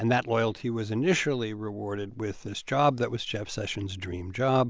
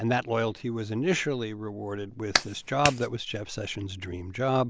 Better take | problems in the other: first | background sound (Clapping); as loud as the speech

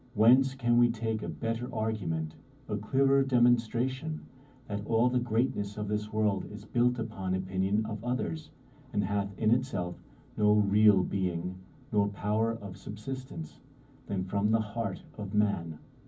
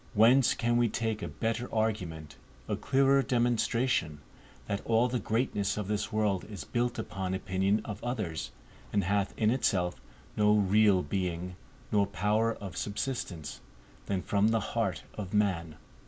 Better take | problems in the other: second | room echo; dies away in 0.4 s

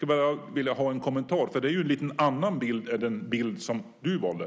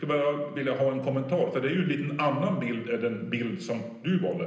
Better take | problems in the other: first | room echo; dies away in 0.9 s

